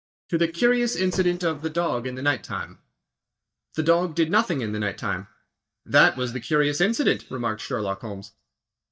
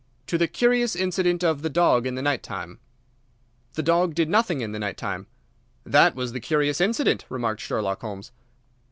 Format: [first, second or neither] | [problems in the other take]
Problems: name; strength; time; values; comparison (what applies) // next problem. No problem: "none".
second | noise reduction (neural mask model DeepFilterNet 3)